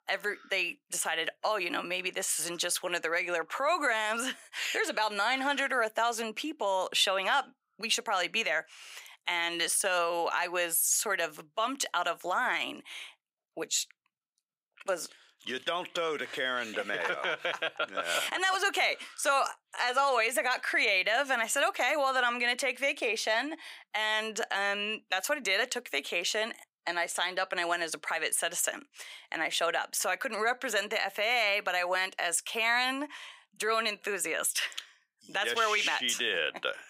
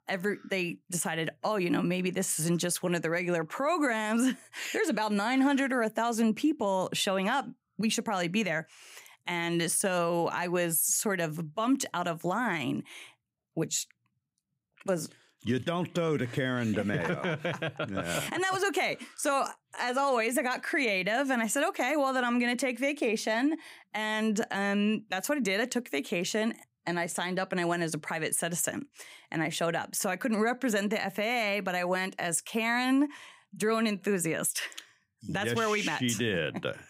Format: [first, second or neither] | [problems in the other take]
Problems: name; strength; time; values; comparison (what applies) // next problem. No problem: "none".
second | thin; very; fading below 600 Hz